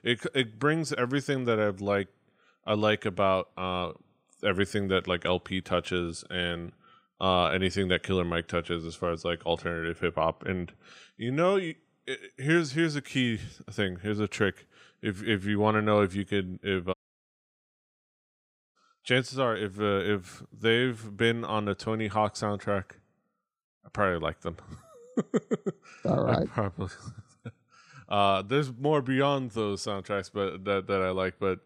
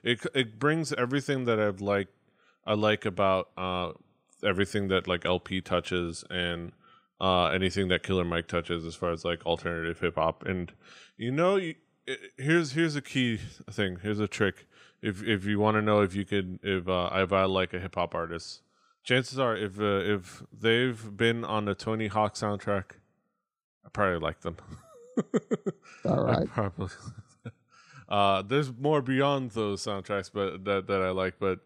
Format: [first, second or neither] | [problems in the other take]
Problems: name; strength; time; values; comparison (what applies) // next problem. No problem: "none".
second | audio cutting out; at 17 s for 2 s